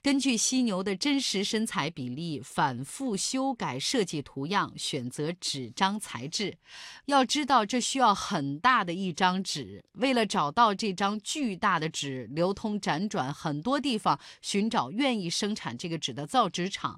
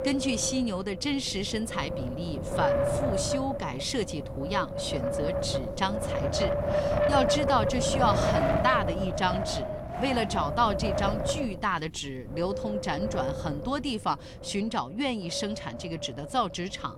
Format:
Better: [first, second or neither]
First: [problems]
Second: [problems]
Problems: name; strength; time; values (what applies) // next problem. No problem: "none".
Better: first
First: none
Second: wind noise on the microphone; heavy; as loud as the speech